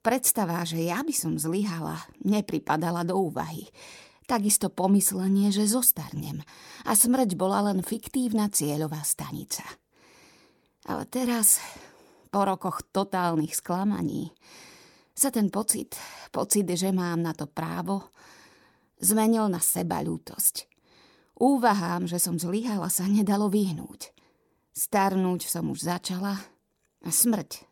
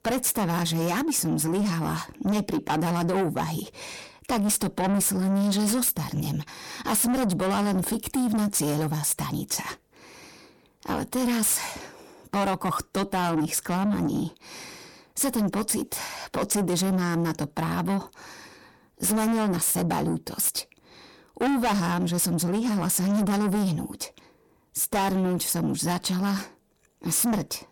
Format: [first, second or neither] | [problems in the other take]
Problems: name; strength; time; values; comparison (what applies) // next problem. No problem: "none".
first | distortion; heavy; 6 dB below the speech